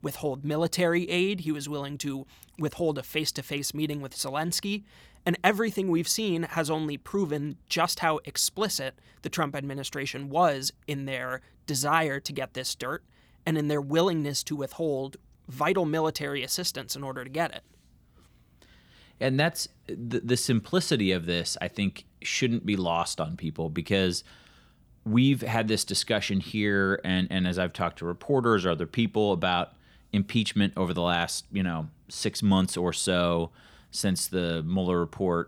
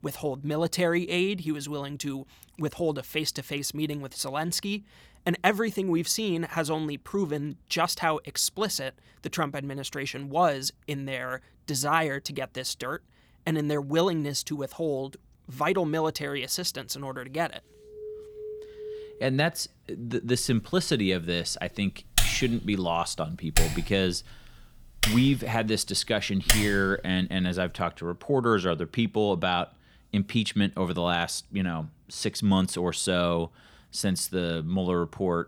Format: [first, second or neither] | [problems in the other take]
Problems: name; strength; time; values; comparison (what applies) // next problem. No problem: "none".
first | alarm; faint; from 18 to 19 s; peak 10 dB below the speech // keyboard typing; loud; from 22 to 27 s; peak 4 dB above the speech